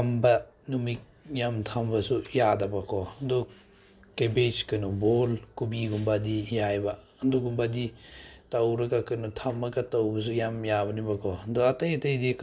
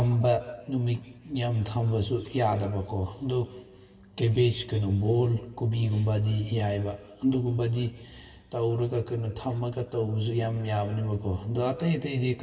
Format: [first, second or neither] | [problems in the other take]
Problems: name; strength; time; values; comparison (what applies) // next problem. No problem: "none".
first | room echo; dies away in 1.4 s